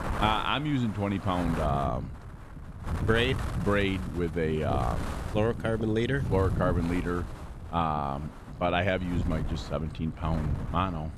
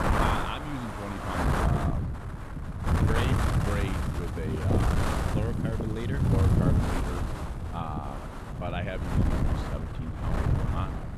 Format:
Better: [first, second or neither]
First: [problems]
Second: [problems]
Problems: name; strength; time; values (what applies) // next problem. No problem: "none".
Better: first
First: wind noise on the microphone; occasional gusts; 10 dB below the speech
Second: wind noise on the microphone; heavy; 4 dB above the speech